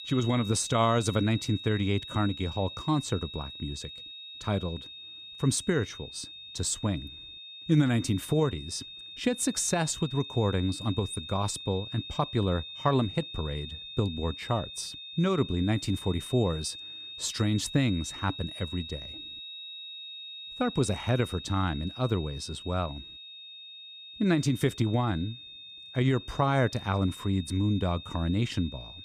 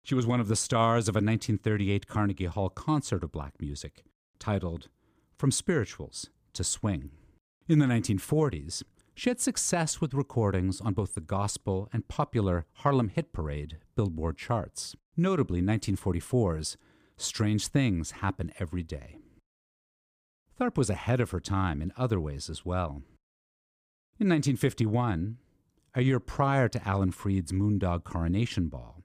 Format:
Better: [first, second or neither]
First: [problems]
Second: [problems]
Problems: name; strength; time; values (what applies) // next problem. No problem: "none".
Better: second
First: high-pitched whine; noticeable; throughout; 3.5 kHz, 10 dB below the speech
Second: none